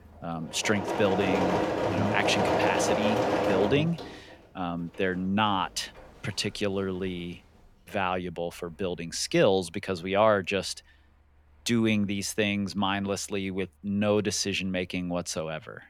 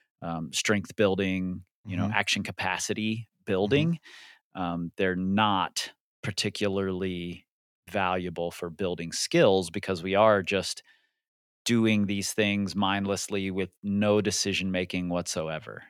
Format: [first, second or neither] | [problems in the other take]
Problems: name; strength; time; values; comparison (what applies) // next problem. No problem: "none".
second | machinery noise; very loud; throughout; 1 dB above the speech